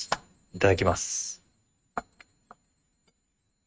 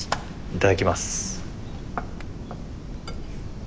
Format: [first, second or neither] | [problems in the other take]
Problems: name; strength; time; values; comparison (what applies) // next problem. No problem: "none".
second | noise reduction (neural mask model RNNoise)